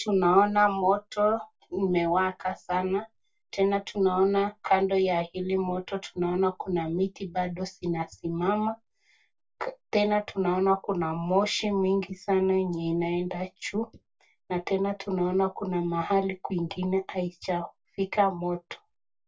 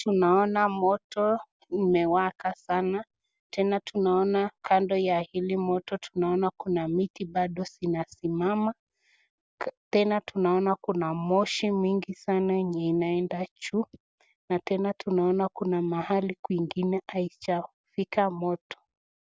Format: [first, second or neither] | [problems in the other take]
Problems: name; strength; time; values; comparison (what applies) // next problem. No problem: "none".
second | room echo; dies away in 0.1 s